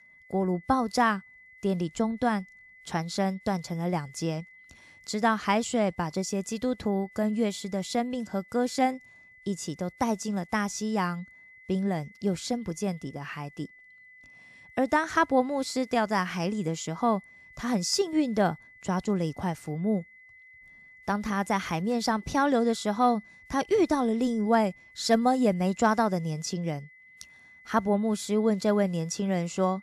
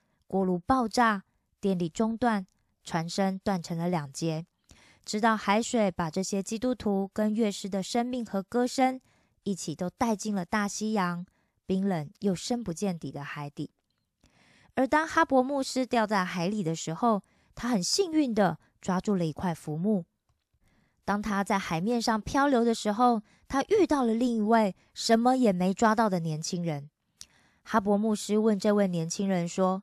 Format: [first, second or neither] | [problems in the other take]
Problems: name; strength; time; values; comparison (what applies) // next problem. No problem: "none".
second | high-pitched whine; faint; throughout; 2 kHz, 25 dB below the speech